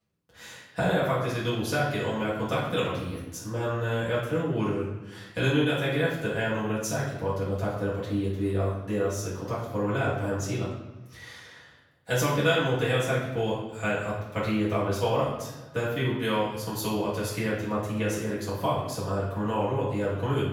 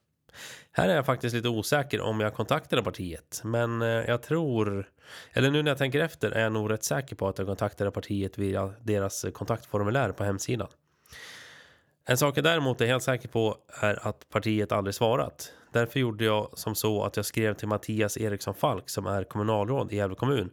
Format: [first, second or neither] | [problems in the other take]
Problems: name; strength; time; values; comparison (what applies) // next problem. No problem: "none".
second | off-mic speech; far // room echo; noticeable; dies away in 0.9 s